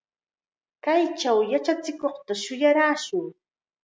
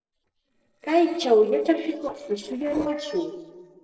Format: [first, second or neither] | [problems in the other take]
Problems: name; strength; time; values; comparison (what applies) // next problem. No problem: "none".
first | noise reduction (neural separator model SepFormer DNS4)